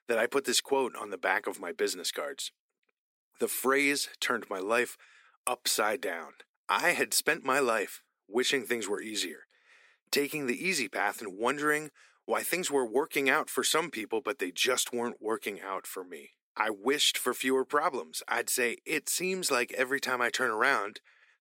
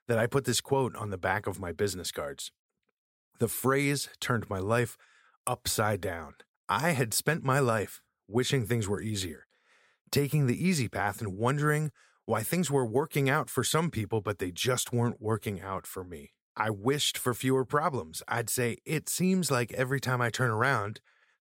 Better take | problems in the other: second | thin; somewhat; fading below 300 Hz

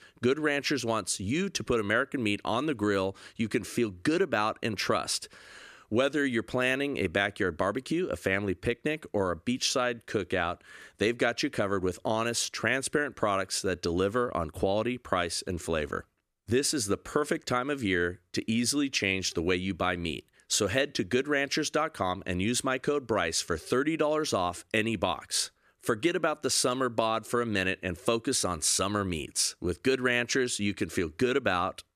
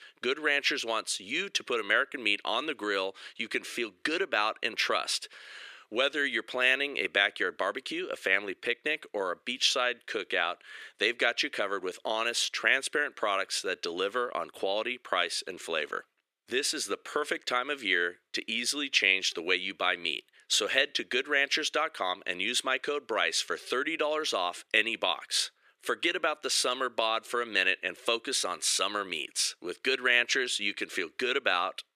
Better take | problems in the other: first | thin; somewhat; fading below 450 Hz

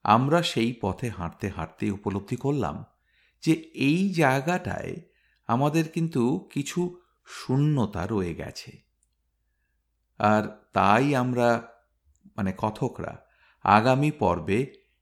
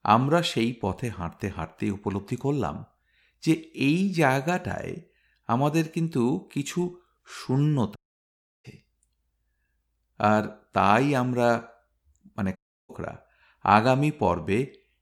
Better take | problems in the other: first | audio cutting out; at 8 s for 0.5 s and at 13 s

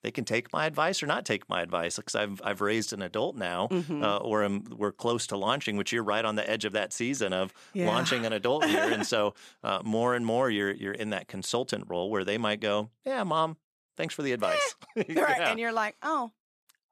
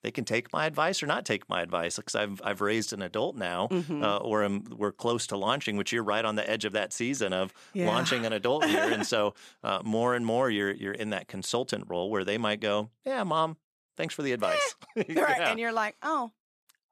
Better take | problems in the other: neither | none

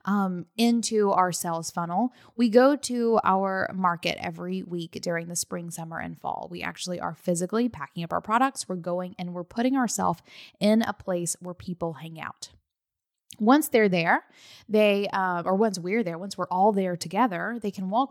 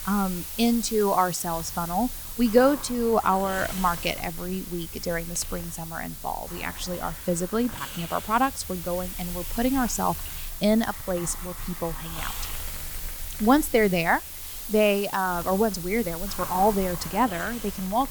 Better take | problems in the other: first | hiss; loud; throughout; 9 dB below the speech

